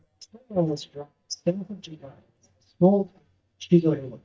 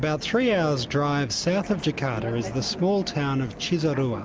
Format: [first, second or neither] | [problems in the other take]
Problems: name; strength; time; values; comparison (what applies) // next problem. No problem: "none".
second | noise reduction (neural mask model DeepFilterNet 3)